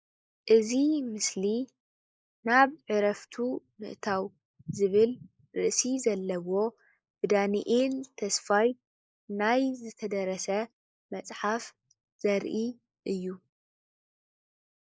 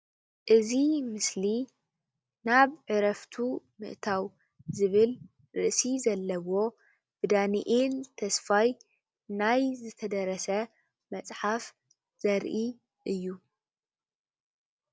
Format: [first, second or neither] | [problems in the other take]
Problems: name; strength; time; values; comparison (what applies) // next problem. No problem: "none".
second | noise reduction (neural mask model Resemble Enhance denoiser)